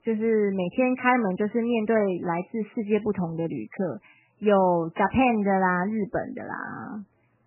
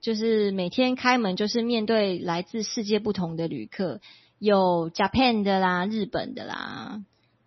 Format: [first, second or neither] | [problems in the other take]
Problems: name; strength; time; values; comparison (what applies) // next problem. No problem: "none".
second | garbled, watery; badly; nothing above 3 kHz; slightly in the second